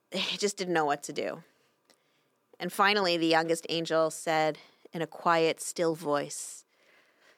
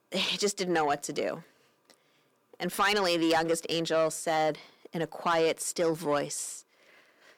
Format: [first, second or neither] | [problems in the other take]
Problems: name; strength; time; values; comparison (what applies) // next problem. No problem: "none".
first | distortion; slight; 10 dB below the speech